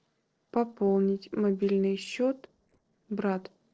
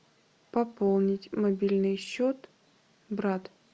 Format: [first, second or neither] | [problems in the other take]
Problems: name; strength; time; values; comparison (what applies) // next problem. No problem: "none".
second | noise reduction (neural separator model SepFormer DNS4)